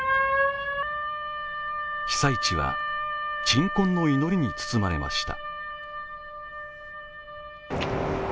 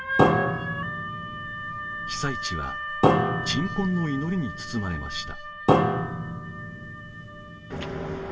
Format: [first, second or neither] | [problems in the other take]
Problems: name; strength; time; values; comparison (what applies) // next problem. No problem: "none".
first | background sound (Piano); 4 dB above the speech // room echo; dies away in 1.5 s